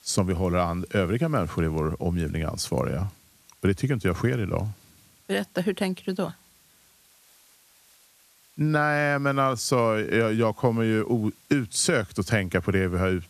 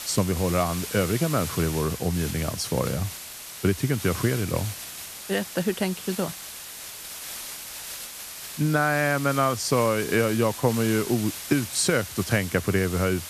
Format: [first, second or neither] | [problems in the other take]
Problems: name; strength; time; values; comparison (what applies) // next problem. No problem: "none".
first | hiss; loud; throughout; 9 dB below the speech; faint in the first